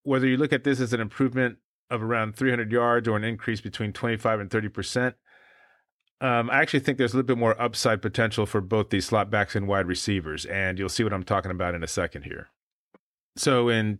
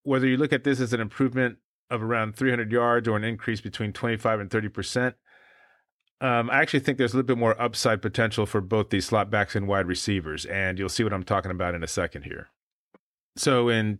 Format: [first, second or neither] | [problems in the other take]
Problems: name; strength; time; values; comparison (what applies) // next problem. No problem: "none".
neither | none